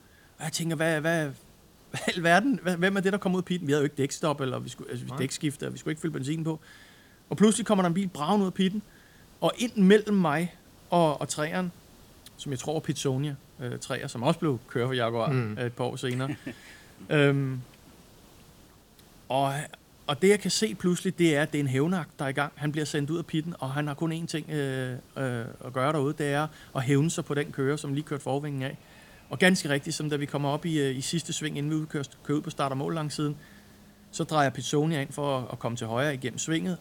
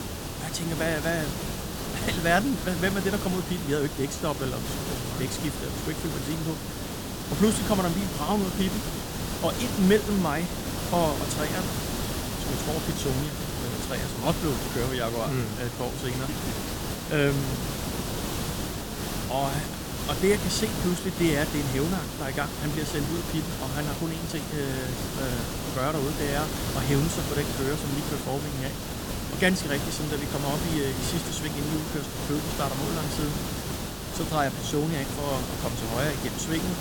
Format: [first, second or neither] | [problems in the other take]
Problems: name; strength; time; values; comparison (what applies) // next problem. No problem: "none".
first | hiss; loud; throughout; 2 dB below the speech; faint in the first